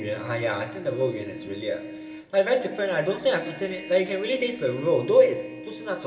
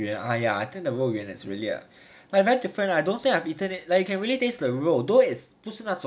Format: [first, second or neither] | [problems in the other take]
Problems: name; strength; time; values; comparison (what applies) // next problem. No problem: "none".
second | background sound (Trumpet); 15 dB below the speech // room echo; dies away in 3 s